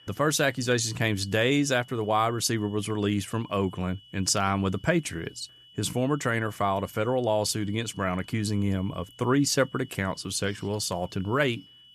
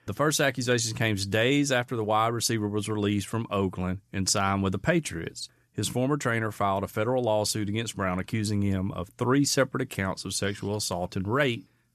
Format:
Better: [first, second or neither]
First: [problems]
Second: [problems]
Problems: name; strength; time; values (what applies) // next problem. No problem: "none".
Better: second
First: high-pitched whine; faint; throughout; 3 kHz, 25 dB below the speech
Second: none